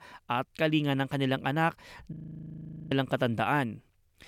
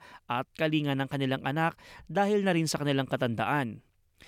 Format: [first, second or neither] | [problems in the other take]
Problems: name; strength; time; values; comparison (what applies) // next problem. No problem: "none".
second | audio freezing; at 2 s for 1 s